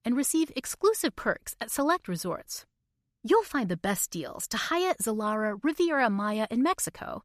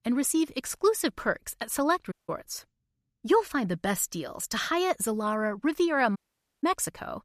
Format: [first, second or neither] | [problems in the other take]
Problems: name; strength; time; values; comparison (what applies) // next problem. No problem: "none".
first | audio cutting out; at 2 s and at 6 s